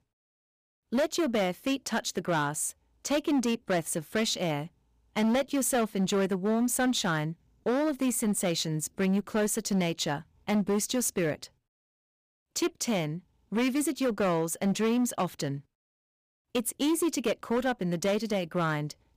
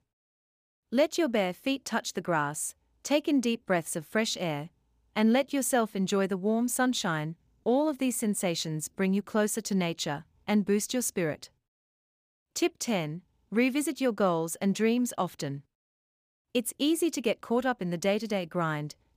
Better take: second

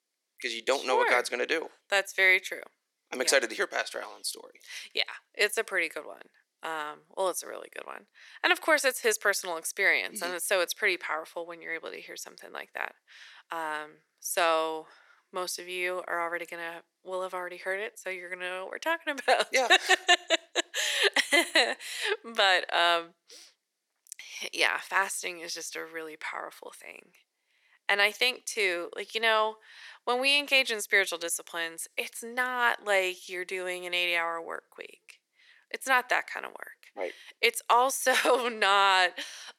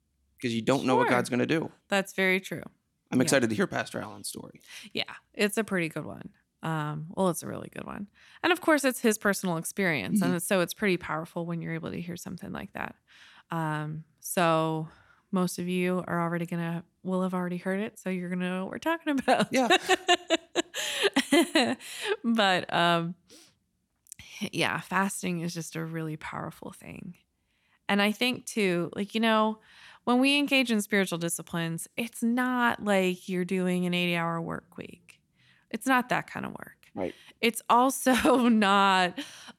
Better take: second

